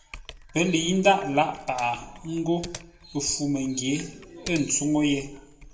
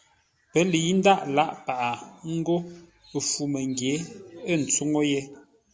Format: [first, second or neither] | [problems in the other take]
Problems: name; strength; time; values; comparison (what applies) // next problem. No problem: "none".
second | background sound (Typing); 18 dB below the speech // room echo; dies away in 0.4 s